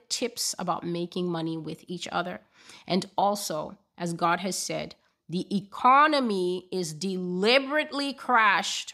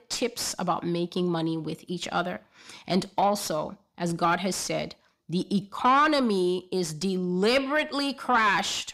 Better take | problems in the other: first | distortion; slight; 10 dB below the speech

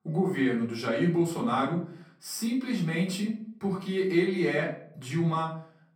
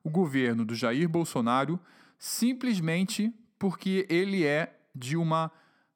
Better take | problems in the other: second | off-mic speech; far // room echo; slight; dies away in 0.4 s

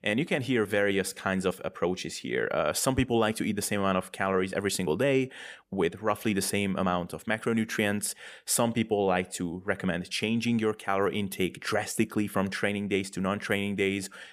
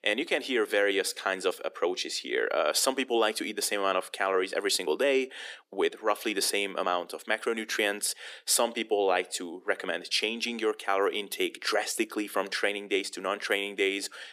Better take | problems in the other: first | thin; somewhat; fading below 300 Hz

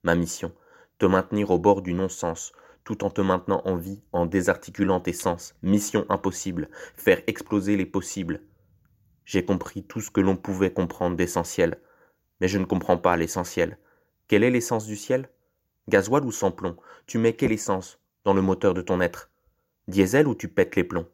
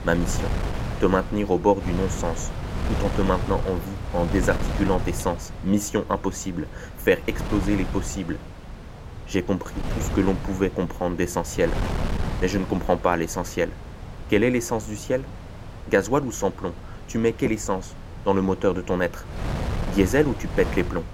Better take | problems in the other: first | wind noise on the microphone; occasional gusts; 10 dB below the speech

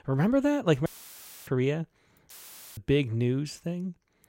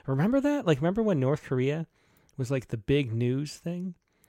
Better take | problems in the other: second | audio cutting out; filled with static; at 1 s for 0.5 s and at 2.5 s

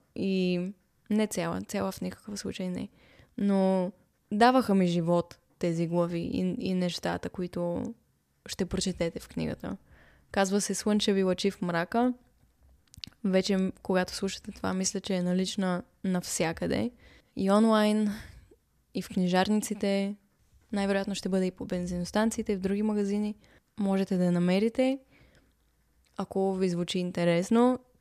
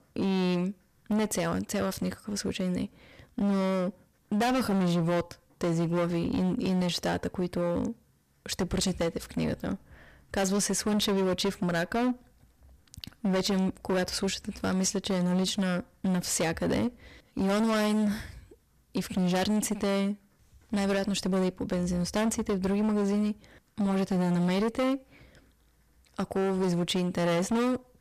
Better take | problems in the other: first | distortion; heavy; 19% of the sound clipped

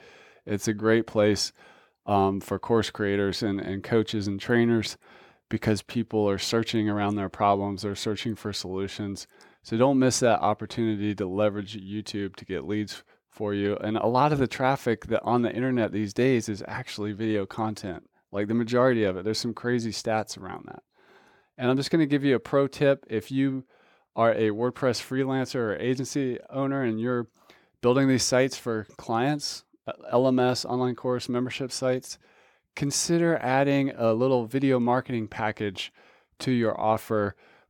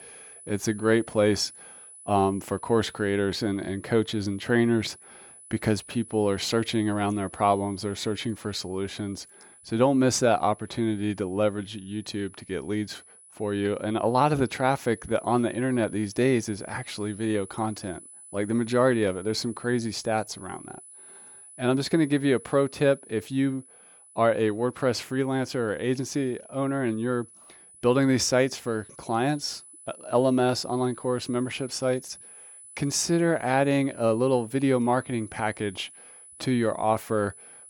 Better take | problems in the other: first | high-pitched whine; noticeable; throughout; 10 kHz, 20 dB below the speech

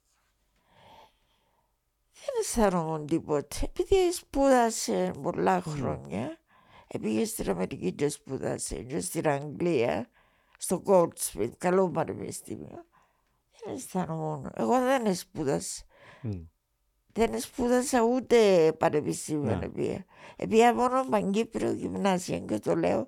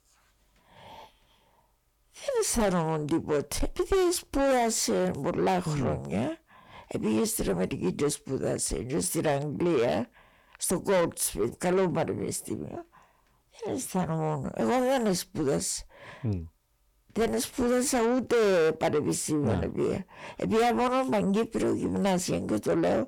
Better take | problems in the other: first | distortion; heavy; 7 dB below the speech

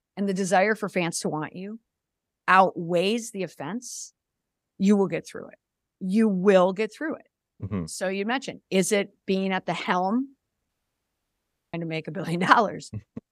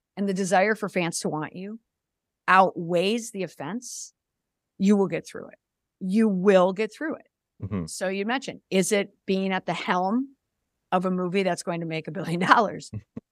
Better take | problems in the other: second | audio cutting out; at 11 s for 1 s

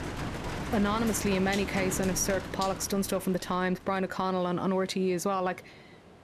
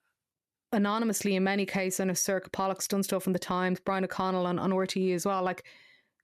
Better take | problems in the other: second | rain or running water; loud; throughout; 8 dB below the speech

